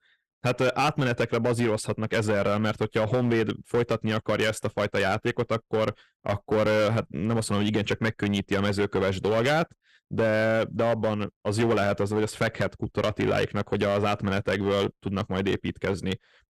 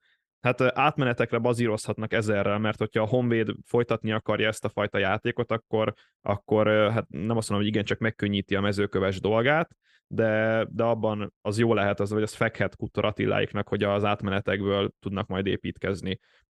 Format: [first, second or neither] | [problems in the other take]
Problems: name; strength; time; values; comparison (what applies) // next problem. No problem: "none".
second | distortion; slight; 9% of the sound clipped